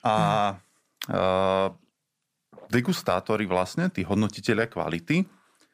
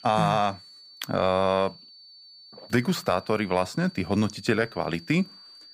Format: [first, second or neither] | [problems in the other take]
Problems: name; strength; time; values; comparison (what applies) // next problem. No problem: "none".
first | high-pitched whine; faint; throughout; 4.5 kHz, 20 dB below the speech